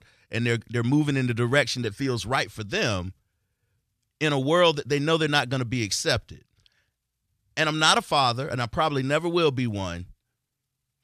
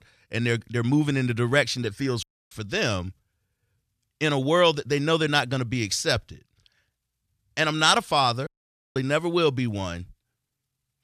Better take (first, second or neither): first